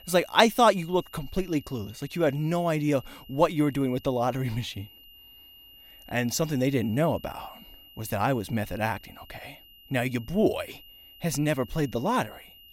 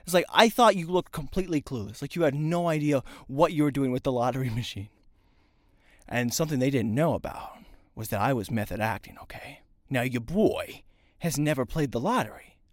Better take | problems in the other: second | high-pitched whine; faint; throughout; 3 kHz, 25 dB below the speech

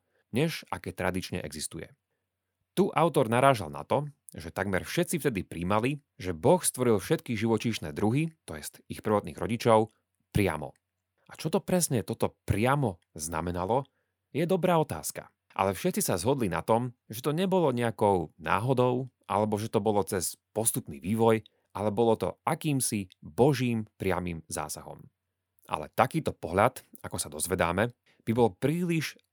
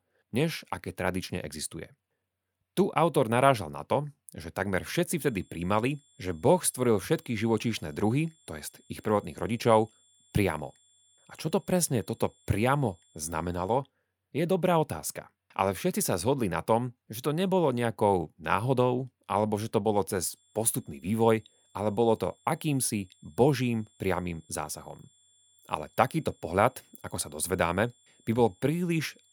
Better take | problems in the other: first | high-pitched whine; faint; from 5 to 14 s and from 20 s on; 3.5 kHz, 35 dB below the speech

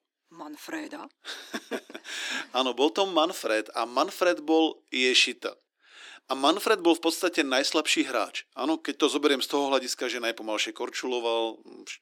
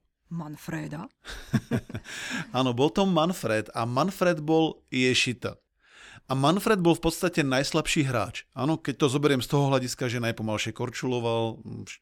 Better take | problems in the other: second | thin; somewhat; fading below 300 Hz

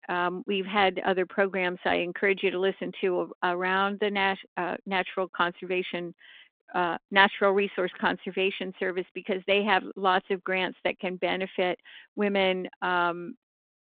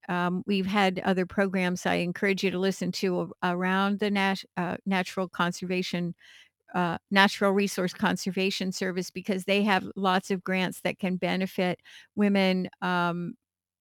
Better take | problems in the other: second | phone-call audio

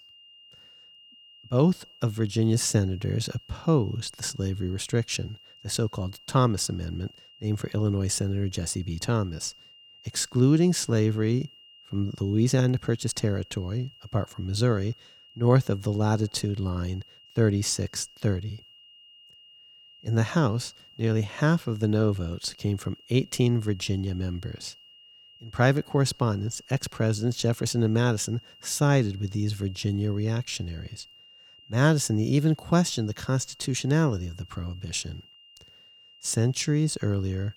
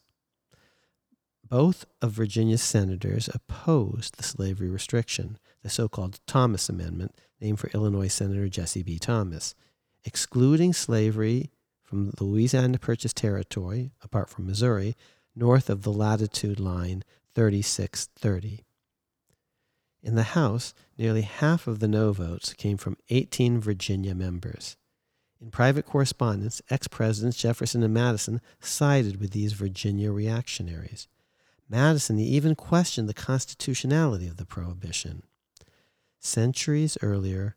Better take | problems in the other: second | high-pitched whine; faint; throughout; 3 kHz, 25 dB below the speech

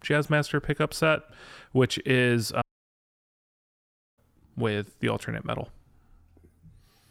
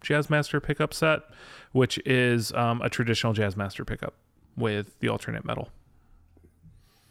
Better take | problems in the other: second | audio cutting out; at 2.5 s for 1.5 s

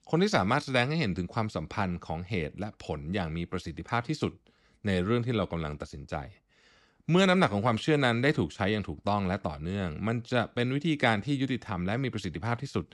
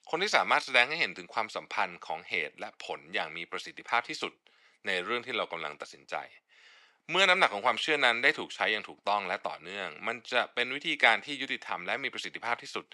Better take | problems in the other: first | thin; very; fading below 600 Hz

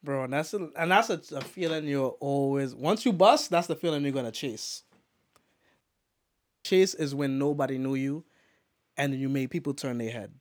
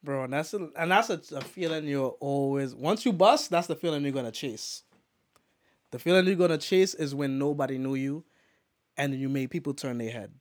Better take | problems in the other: second | audio cutting out; at 6 s for 1 s

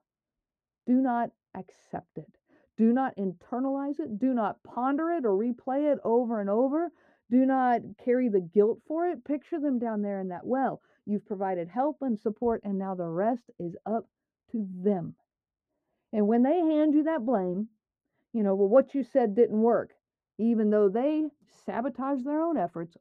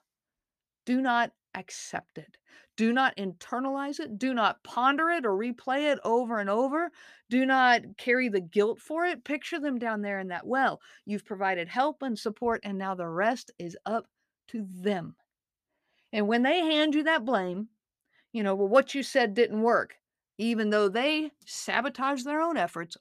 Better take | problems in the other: second | muffled; very; fading above 1.5 kHz

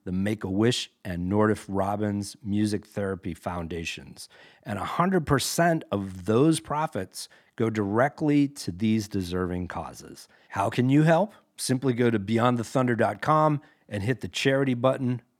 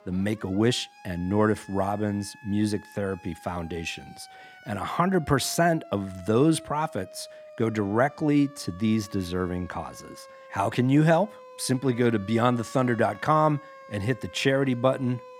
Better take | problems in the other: first | alarms or sirens; faint; throughout; 20 dB below the speech

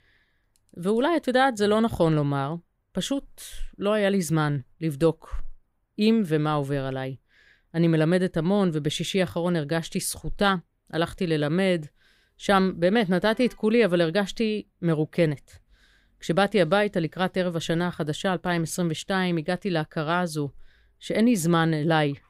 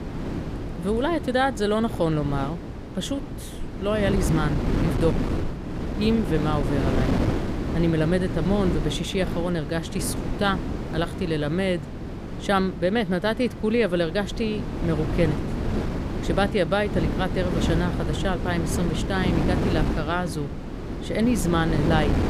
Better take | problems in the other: first | wind noise on the microphone; heavy; 6 dB below the speech

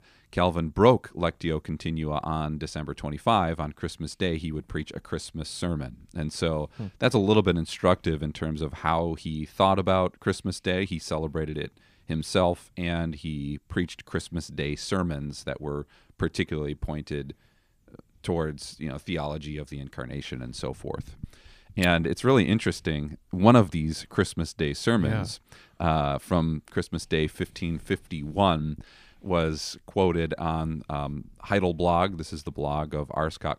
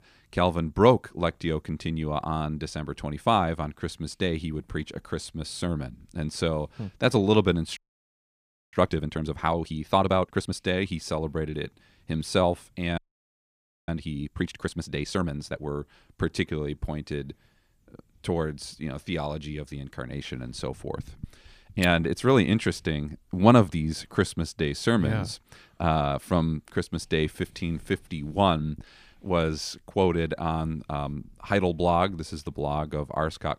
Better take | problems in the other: first | audio freezing; at 8 s for 1 s and at 13 s for 1 s

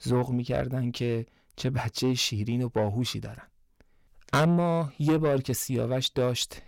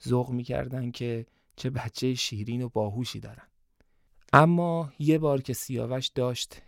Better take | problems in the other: second | distortion; heavy; 6 dB below the speech

